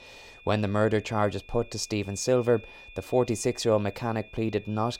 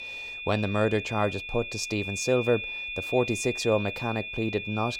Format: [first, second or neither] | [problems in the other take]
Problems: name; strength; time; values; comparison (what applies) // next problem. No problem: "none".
first | high-pitched whine; loud; throughout; 2.5 kHz, 6 dB below the speech; faint in the first